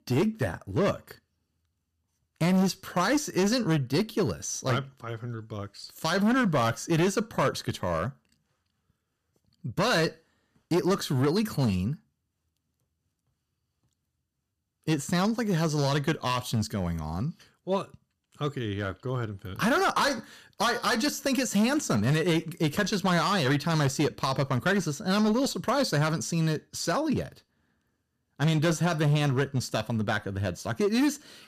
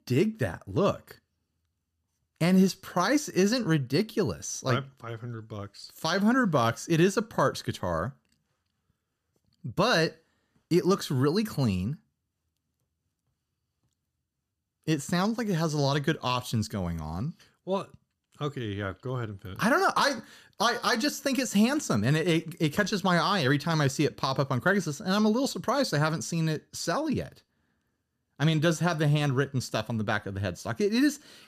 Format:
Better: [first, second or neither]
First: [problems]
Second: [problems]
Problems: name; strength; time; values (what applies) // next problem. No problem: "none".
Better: second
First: distortion; slight; 7% of the sound clipped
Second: none